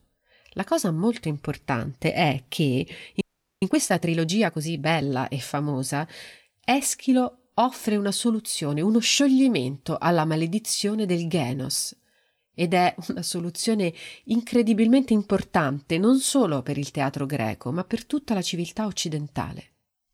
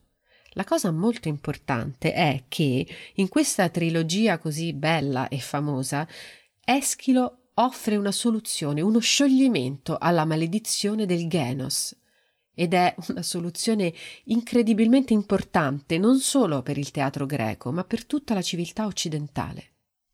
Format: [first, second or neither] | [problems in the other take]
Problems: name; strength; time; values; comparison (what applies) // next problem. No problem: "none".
second | audio freezing; at 3 s